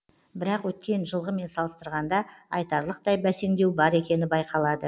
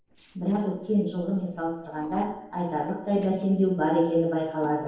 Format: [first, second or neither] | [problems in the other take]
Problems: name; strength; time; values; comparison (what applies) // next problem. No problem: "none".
first | noise reduction (neural separator model SepFormer DNS4)